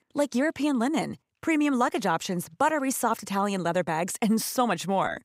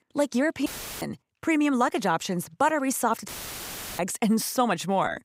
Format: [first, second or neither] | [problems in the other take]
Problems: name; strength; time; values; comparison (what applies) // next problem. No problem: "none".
first | audio cutting out; filled with static; at 0.5 s and at 3.5 s for 0.5 s